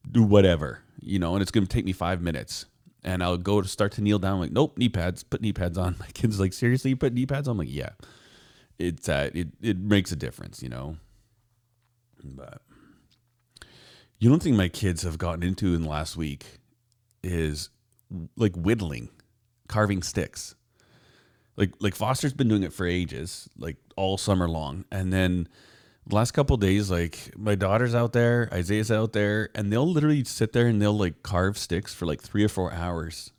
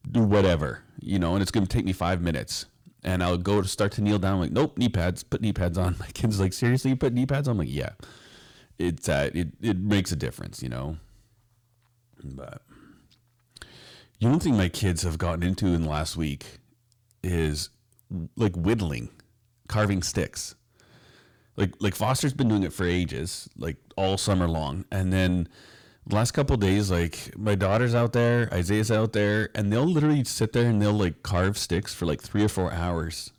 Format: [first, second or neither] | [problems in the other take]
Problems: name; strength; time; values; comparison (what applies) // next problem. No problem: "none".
first | distortion; slight; 10 dB below the speech